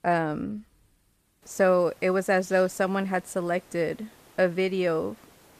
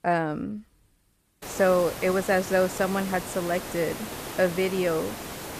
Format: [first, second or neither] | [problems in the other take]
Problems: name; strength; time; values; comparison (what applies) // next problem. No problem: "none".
first | hiss; loud; from 1.5 s on; 10 dB below the speech; faint in the first